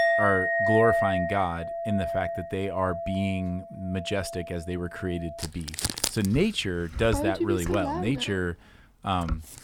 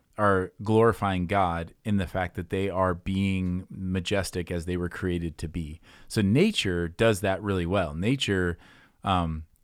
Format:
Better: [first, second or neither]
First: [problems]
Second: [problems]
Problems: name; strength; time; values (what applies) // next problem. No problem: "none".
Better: second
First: household noises; loud; throughout; 1 dB below the speech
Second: none